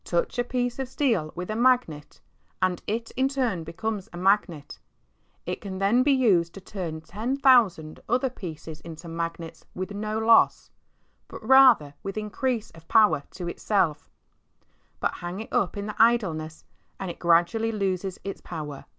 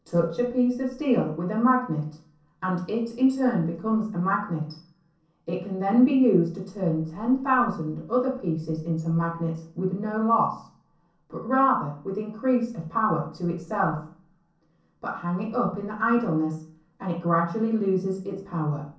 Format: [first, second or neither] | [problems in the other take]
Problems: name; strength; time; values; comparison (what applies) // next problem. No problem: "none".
first | room echo; dies away in 0.6 s